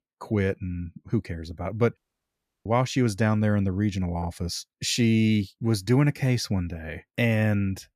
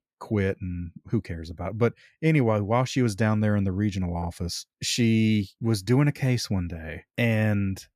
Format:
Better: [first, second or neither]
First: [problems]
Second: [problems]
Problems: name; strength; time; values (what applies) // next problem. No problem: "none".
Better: second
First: audio cutting out; at 2 s for 0.5 s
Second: none